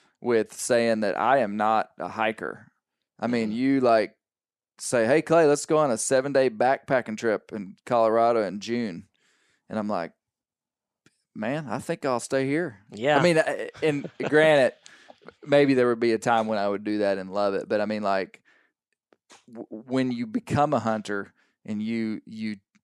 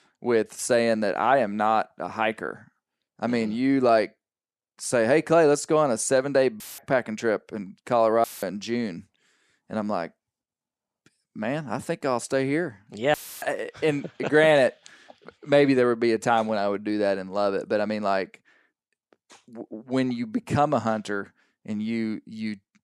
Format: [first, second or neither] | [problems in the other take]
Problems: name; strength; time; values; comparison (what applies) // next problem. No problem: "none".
first | audio cutting out; filled with static; at 6.5 s, at 8 s and at 13 s